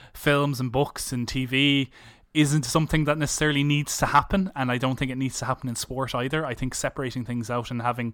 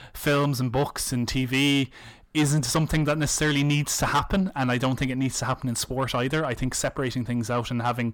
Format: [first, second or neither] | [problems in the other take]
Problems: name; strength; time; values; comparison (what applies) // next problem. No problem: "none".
first | distortion; slight; 10 dB below the speech